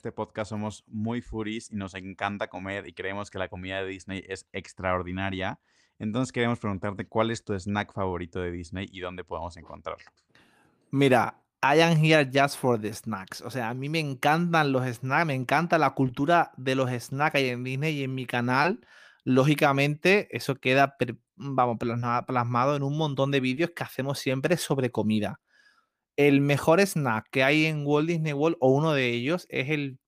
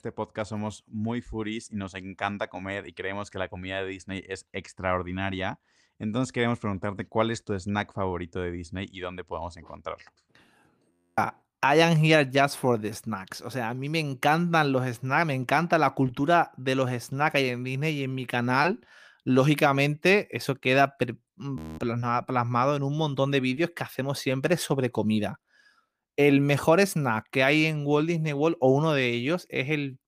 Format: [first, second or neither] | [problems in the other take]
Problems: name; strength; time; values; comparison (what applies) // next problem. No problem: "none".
first | audio freezing; at 11 s and at 22 s